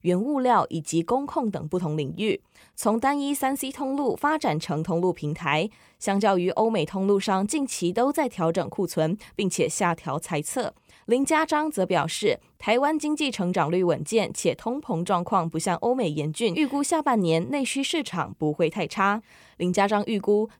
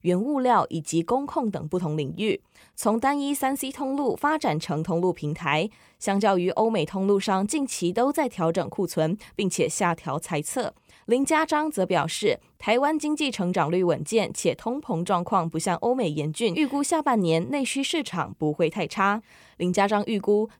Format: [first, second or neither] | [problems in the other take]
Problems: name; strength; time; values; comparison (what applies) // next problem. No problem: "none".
neither | none